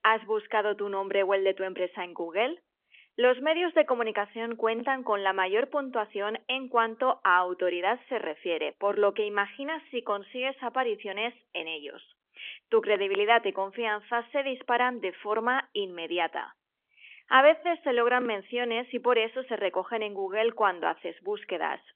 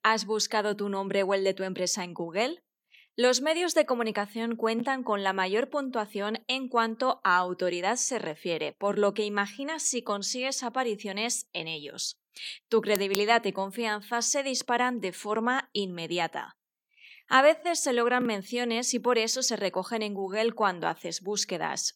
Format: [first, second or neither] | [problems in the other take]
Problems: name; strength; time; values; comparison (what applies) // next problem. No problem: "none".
second | phone-call audio; nothing above 3.5 kHz